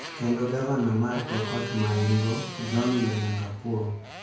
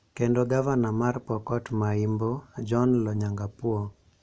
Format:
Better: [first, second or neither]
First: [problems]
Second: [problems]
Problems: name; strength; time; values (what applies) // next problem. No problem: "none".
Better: second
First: background sound (Motorcycle); 11 dB below the speech // room echo; dies away in 0.5 s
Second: none